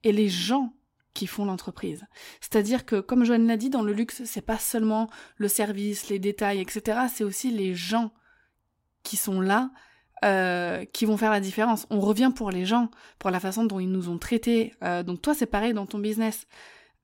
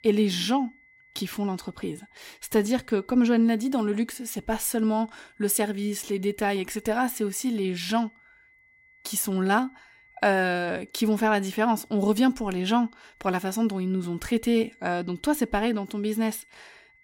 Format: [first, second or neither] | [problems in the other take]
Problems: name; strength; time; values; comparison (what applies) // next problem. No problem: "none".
first | high-pitched whine; faint; throughout; 2 kHz, 30 dB below the speech